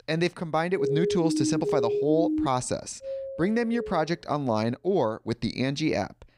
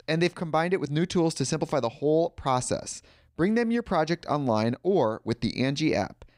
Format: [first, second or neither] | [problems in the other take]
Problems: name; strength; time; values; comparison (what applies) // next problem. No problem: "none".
second | siren; loud; from 1 to 2.5 s; peak 1 dB above the speech // doorbell; noticeable; from 3 to 4 s; peak 8 dB below the speech